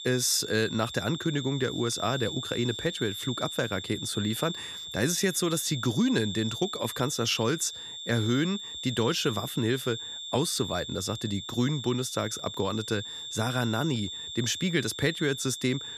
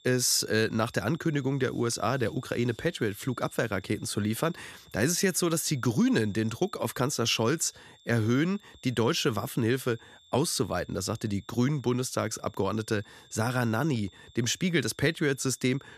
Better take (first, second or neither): second